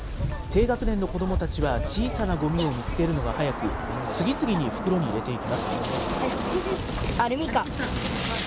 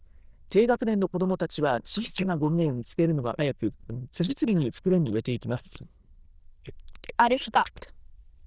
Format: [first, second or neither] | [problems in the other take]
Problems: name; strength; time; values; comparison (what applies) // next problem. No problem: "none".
first | noise reduction (neural diffusion model UNIVERSE++)